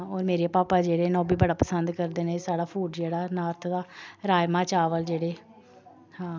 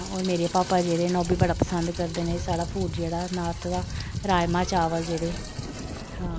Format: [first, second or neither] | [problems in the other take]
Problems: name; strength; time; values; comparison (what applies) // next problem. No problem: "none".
first | background sound (Rain); 7 dB below the speech